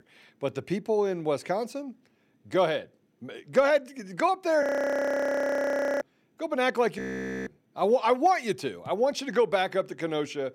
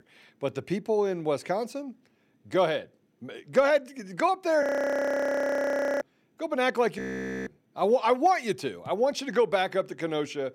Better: neither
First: audio freezing; at 4.5 s for 1.5 s and at 7 s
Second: audio freezing; at 4.5 s for 1.5 s and at 7 s

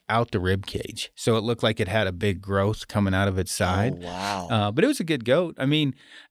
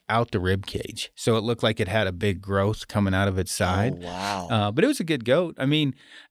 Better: neither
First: none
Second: none

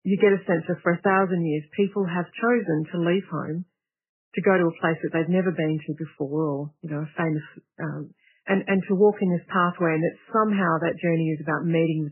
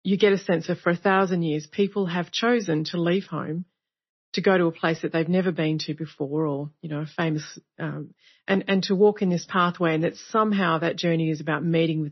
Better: second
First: garbled, watery; badly; nothing above 3 kHz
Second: garbled, watery; slightly; nothing above 6 kHz

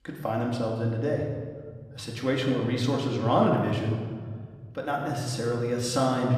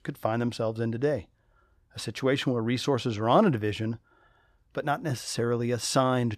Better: second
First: room echo; noticeable; dies away in 1.5 s // off-mic speech; somewhat distant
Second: none

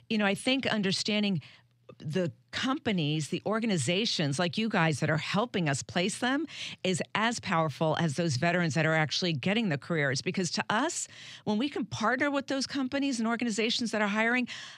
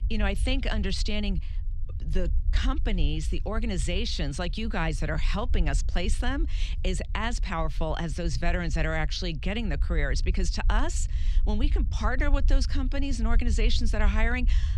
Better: first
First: none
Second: low rumble; noticeable; throughout; 20 dB below the speech

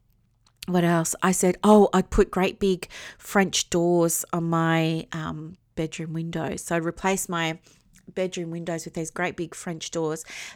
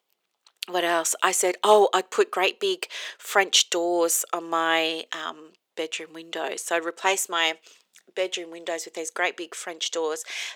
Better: first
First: none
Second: thin; very; fading below 400 Hz

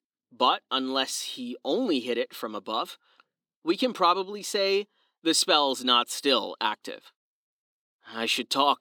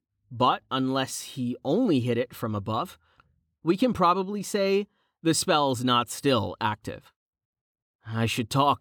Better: second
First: thin; very slightly; fading below 250 Hz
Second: none

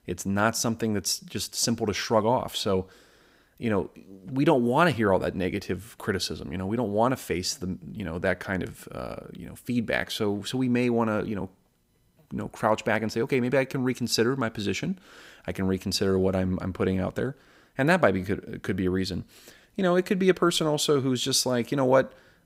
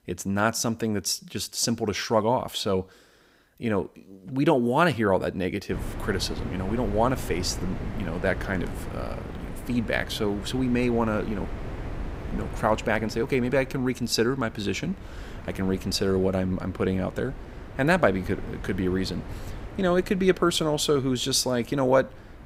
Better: first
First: none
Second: wind noise on the microphone; occasional gusts; from 5.5 s on; 15 dB below the speech

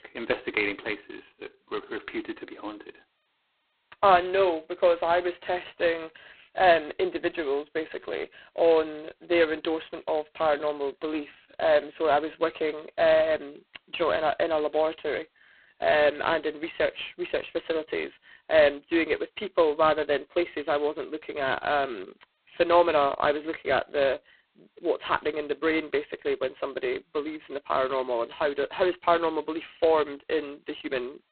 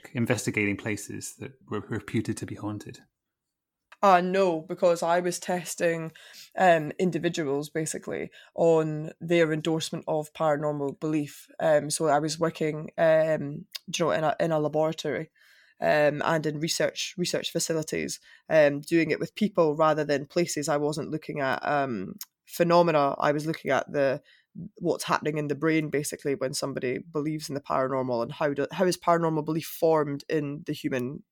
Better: second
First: phone-call audio; poor line; nothing above 4 kHz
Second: none

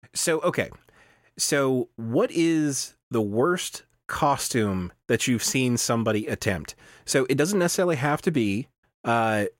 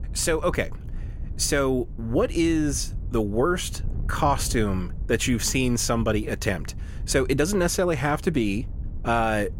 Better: first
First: none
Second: wind noise on the microphone; occasional gusts; 25 dB below the speech

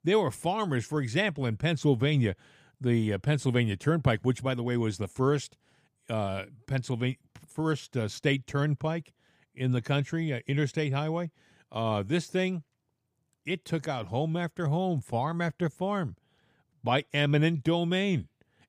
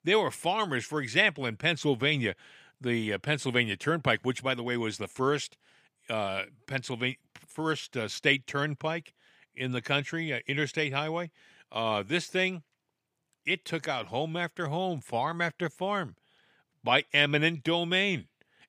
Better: first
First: none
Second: thin; somewhat; fading below 350 Hz

